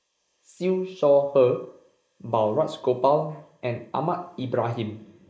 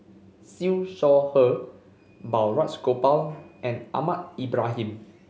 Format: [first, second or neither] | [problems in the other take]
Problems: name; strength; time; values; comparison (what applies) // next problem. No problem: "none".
second | noise reduction (neural mask model Resemble Enhance denoiser)